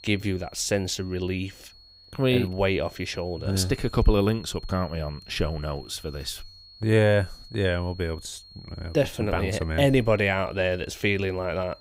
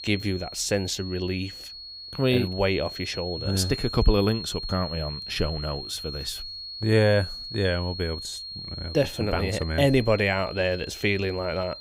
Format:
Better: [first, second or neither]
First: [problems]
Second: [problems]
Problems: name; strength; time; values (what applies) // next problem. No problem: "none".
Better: first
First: high-pitched whine; faint; throughout; 4.5 kHz, 20 dB below the speech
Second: high-pitched whine; loud; throughout; 4.5 kHz, 9 dB below the speech